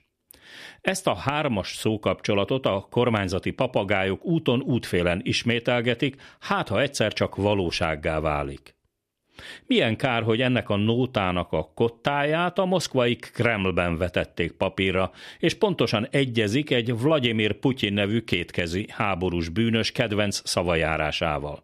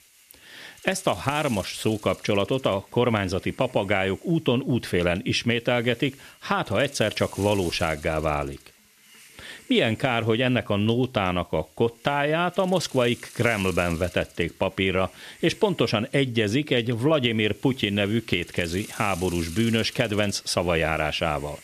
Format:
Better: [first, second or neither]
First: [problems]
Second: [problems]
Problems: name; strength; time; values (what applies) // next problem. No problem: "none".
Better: first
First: none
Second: hiss; faint; throughout; 20 dB below the speech